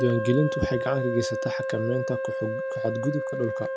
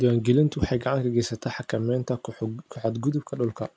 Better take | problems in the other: second | background sound (Wind instrument, woodwind instrument); 2 dB below the speech

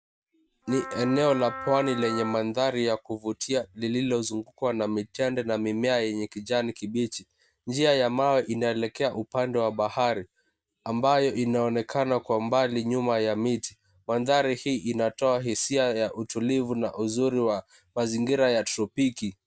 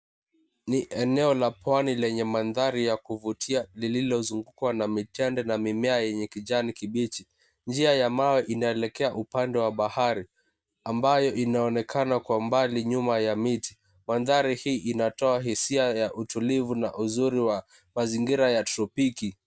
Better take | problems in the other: second | background sound (Wind instrument, woodwind instrument); 11 dB below the speech

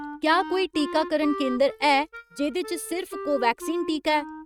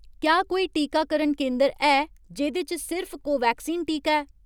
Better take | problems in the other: second | noise reduction (neural mask model RNNoise)

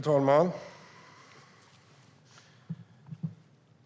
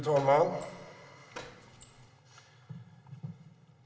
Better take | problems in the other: first | background sound (Door); 16 dB below the speech // room echo; dies away in 1.8 s

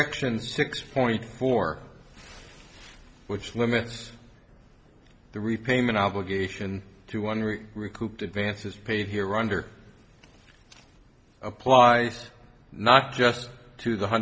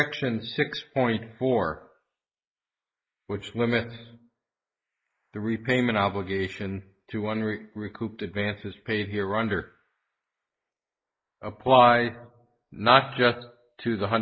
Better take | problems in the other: first | noise reduction (neural mask model Resemble Enhance denoiser)

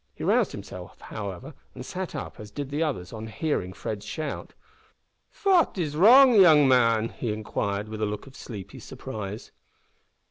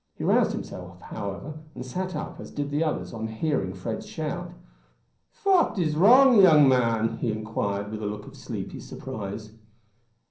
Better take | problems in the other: first | room echo; dies away in 0.6 s

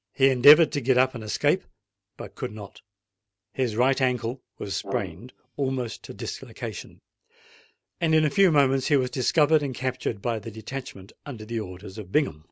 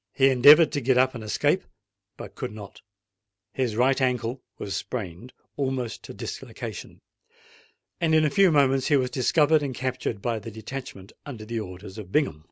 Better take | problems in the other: second | background sound (Brass instrument); 13 dB below the speech

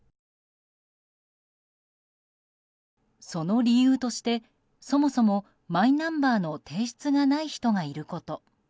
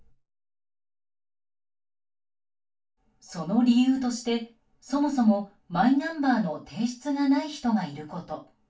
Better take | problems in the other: first | room echo; dies away in 0.2 s

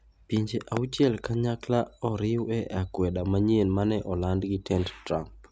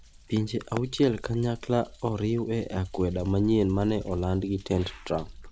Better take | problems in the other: first | background sound (Thunder); 18 dB below the speech

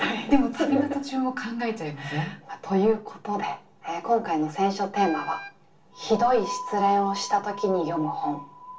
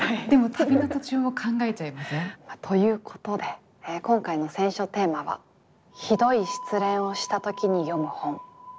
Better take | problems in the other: second | background sound (Wind instrument, woodwind instrument); 16 dB below the speech // room echo; dies away in 0.3 s

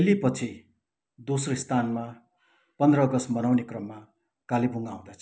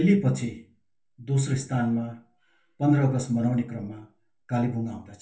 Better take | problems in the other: first | room echo; dies away in 0.3 s

